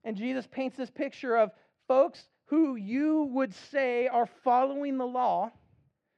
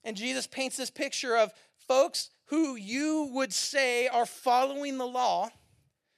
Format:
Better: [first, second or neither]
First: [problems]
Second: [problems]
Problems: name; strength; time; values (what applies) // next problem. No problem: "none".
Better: second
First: muffled; very; fading above 1.5 kHz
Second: none